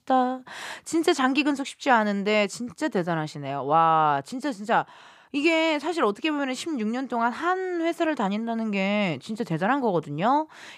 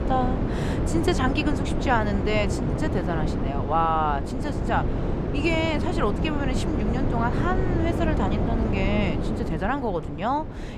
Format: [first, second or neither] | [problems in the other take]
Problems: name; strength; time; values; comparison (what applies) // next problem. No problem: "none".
first | wind noise on the microphone; heavy; 5 dB below the speech